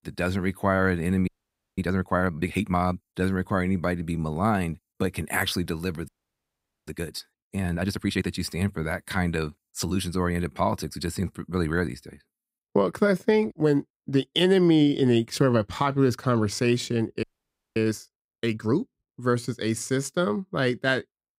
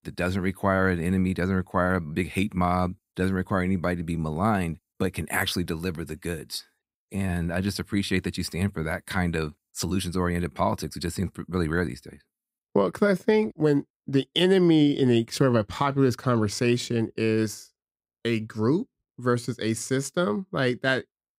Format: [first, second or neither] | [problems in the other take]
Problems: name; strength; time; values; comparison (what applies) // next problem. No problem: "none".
second | audio freezing; at 1.5 s for 0.5 s, at 6 s for 1 s and at 17 s for 0.5 s